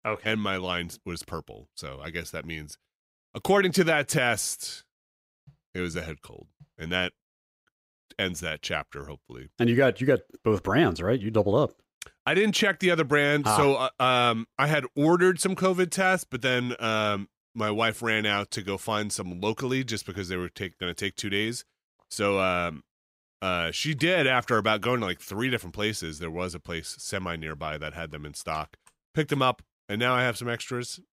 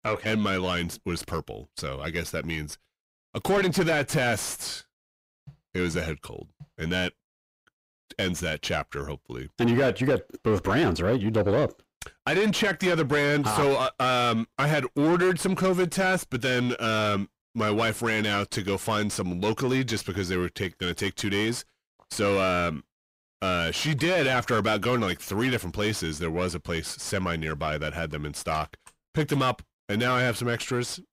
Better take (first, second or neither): first